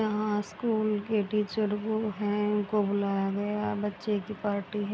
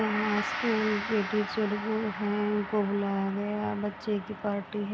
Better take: first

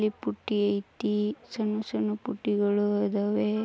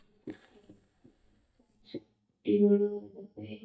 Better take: first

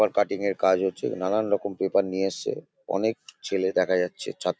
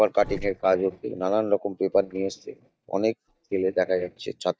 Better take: first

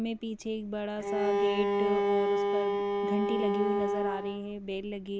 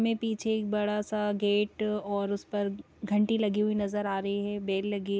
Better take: second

